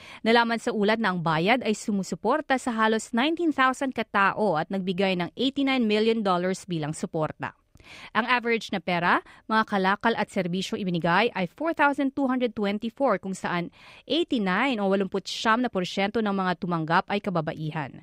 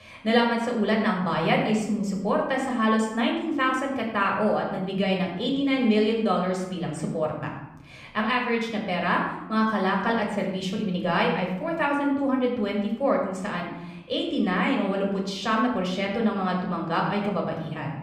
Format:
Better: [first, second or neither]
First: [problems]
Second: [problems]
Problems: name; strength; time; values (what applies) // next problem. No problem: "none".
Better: first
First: none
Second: off-mic speech; somewhat distant // room echo; noticeable; dies away in 0.8 s